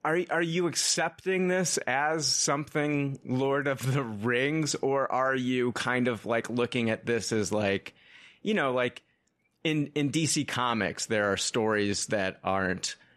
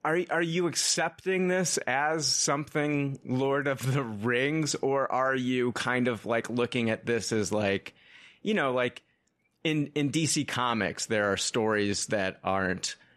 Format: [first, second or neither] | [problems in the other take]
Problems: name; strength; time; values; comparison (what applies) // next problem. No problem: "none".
neither | none